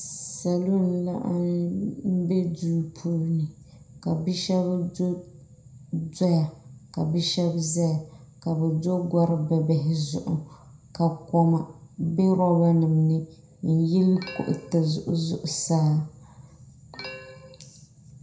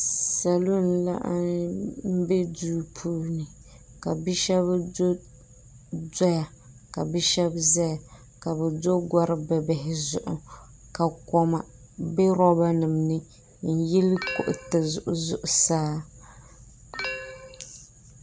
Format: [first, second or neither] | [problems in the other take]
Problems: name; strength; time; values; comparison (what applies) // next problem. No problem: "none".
second | room echo; dies away in 0.5 s